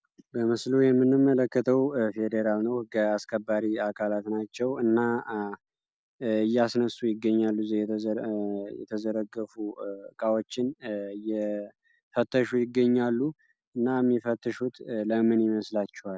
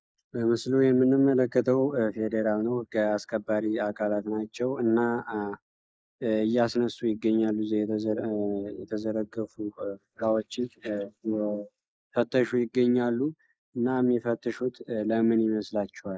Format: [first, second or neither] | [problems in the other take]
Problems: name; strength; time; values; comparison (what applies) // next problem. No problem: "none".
first | noise reduction (neural mask model Resemble Enhance denoiser)